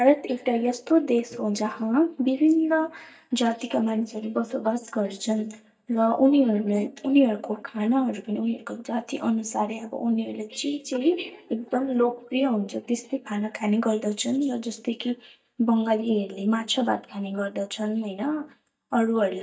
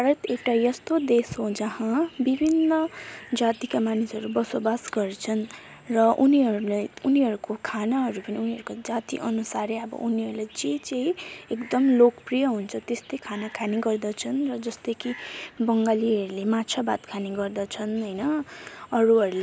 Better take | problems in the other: second | noise reduction (neural mask model DeepFilterNet 3)

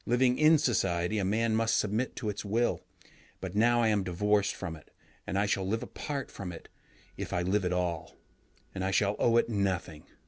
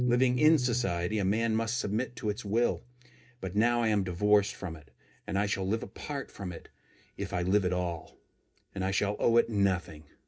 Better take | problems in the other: first | noise reduction (neural mask model DeepFilterNet 3)

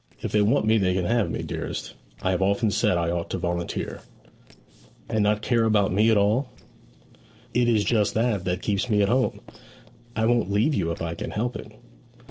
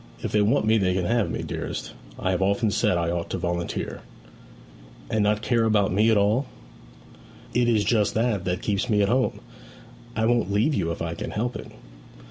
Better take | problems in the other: second | noise reduction (neural separator model SepFormer DNS4)

